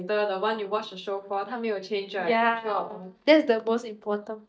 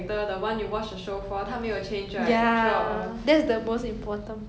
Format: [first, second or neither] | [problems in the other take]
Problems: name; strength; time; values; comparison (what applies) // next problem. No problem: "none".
second | noise reduction (neural mask model DeepFilterNet 3)